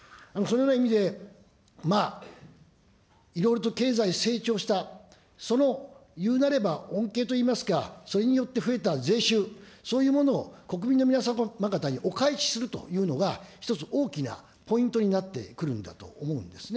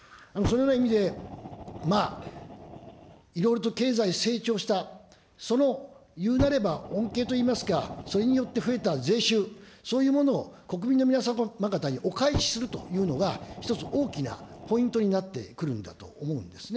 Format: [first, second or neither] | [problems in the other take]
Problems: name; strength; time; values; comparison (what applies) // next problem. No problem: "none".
first | background sound (Fire); 14 dB below the speech